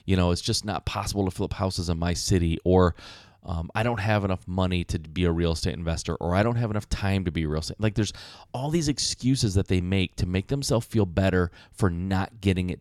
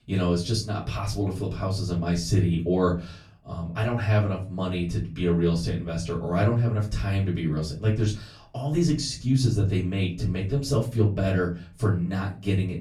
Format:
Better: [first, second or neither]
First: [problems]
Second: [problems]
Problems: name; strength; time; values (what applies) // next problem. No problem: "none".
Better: first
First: none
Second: off-mic speech; far // room echo; slight; dies away in 0.3 s